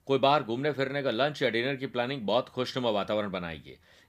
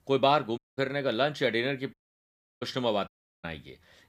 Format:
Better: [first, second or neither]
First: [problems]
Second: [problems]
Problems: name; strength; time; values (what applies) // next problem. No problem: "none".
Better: first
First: none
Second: audio cutting out; at 0.5 s, at 2 s for 0.5 s and at 3 s